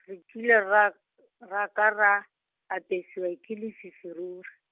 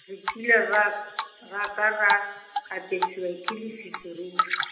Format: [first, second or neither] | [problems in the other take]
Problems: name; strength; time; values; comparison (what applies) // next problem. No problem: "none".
first | background sound (Drip); 5 dB below the speech // room echo; dies away in 1 s